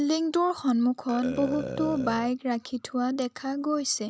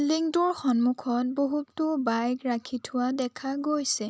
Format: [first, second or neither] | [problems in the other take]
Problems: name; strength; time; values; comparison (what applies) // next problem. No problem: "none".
second | background sound (Burping, eructation); 12 dB below the speech